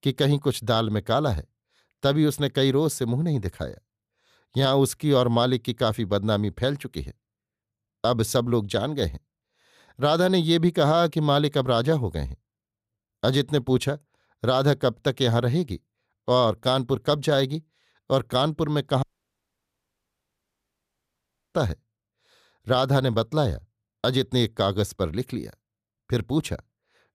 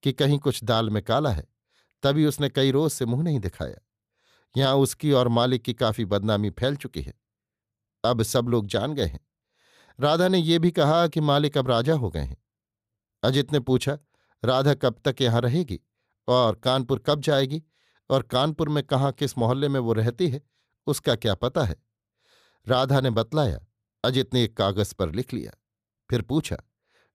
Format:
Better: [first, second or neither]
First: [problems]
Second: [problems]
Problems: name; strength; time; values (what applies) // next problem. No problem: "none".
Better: second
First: audio cutting out; at 19 s for 2.5 s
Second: none